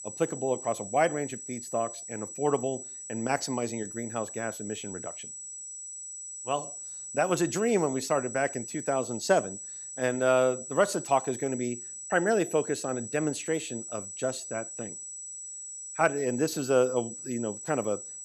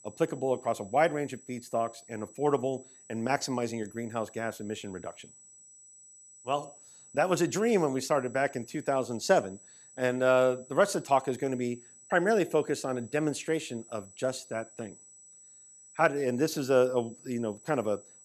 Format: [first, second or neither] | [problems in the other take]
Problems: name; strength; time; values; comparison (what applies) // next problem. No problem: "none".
second | high-pitched whine; loud; throughout; 8 kHz, 9 dB below the speech; faint in the second